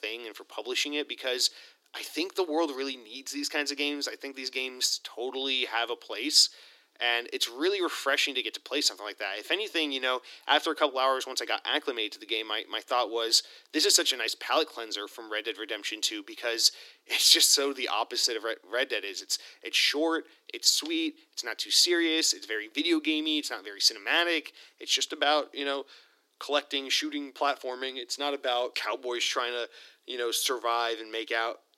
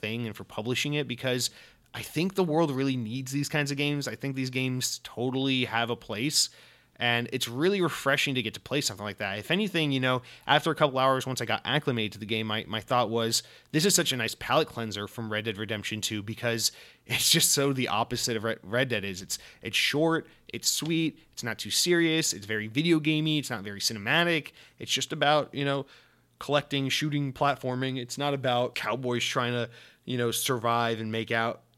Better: second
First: thin; somewhat; fading below 300 Hz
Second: none

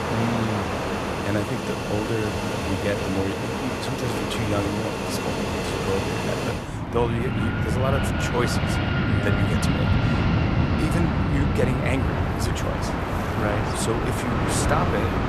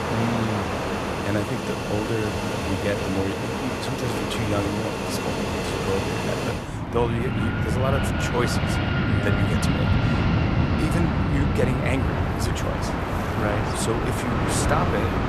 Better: neither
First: train or aircraft noise; very loud; throughout; 4 dB above the speech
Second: train or aircraft noise; very loud; throughout; 4 dB above the speech

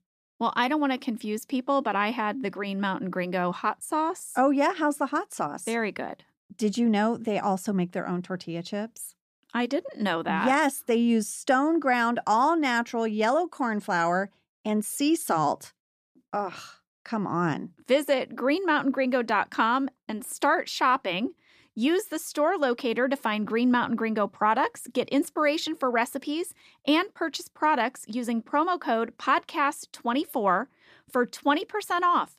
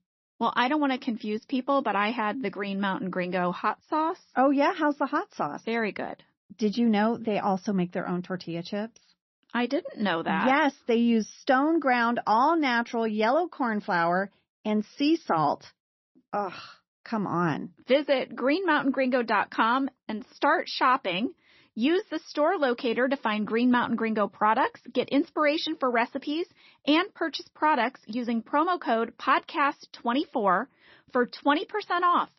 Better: first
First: none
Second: garbled, watery; slightly; nothing above 6 kHz

